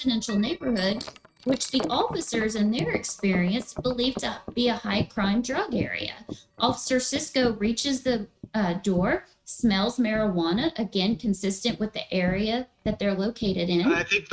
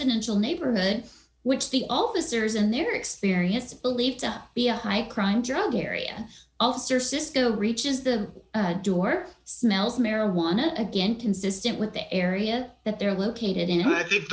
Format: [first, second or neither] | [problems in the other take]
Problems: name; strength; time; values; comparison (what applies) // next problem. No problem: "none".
second | noise reduction (neural mask model RNNoise)